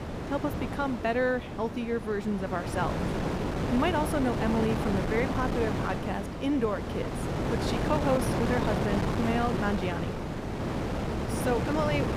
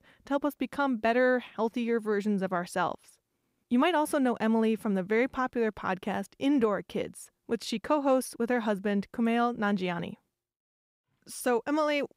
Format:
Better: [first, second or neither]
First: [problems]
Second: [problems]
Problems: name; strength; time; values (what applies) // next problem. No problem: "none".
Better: second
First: wind noise on the microphone; heavy; 3 dB below the speech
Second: none